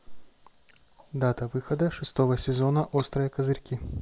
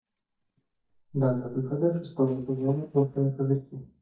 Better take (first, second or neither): first